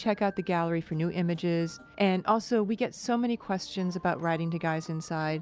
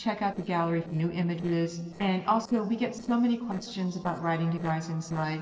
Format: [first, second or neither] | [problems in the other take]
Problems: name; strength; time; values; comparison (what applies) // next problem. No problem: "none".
first | noise reduction (neural separator model SepFormer DNS4)